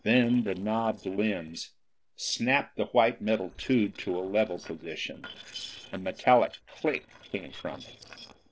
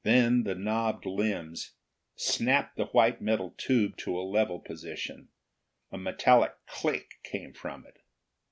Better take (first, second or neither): second